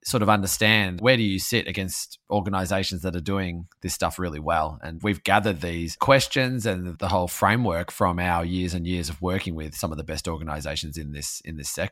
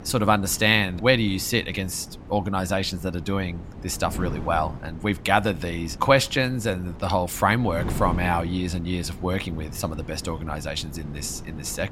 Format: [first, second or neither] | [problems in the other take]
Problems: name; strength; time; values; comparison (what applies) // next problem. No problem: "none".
first | wind noise on the microphone; occasional gusts; 20 dB below the speech